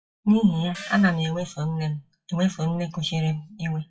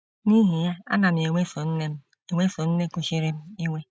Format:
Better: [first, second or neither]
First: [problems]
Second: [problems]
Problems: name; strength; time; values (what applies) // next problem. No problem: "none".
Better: second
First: noise reduction (classical method WPE with log-MMSE)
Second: none